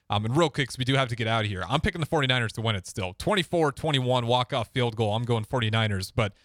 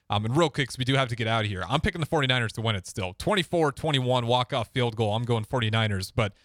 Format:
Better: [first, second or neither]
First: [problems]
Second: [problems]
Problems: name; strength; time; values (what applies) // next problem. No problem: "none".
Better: neither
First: none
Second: none